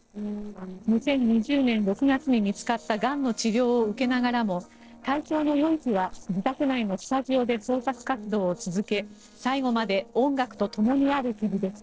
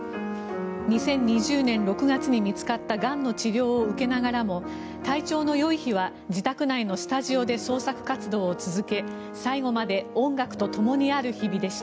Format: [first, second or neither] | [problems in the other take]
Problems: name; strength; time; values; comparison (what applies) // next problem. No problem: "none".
second | noise reduction (neural separator model SepFormer DNS4)